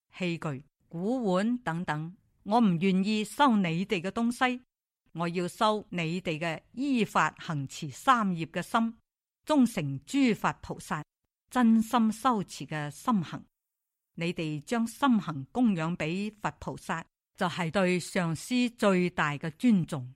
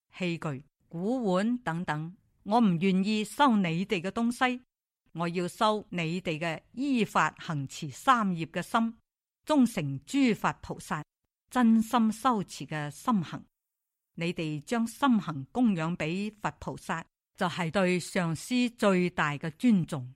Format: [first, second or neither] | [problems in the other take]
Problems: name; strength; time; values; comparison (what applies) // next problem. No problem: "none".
neither | none